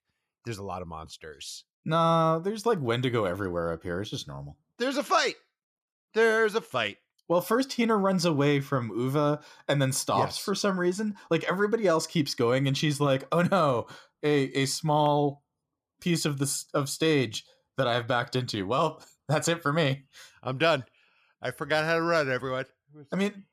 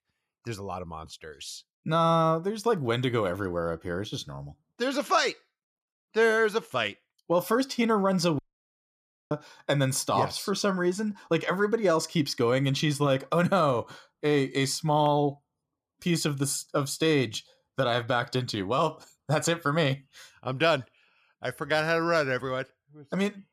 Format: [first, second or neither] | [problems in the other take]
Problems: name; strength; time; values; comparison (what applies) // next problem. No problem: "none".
first | audio cutting out; at 8.5 s for 1 s